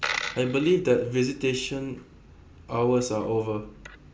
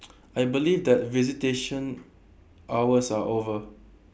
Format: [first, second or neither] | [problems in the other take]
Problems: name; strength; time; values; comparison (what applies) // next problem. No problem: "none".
second | background sound (Coin (dropping)); 12 dB below the speech // room echo; dies away in 0.4 s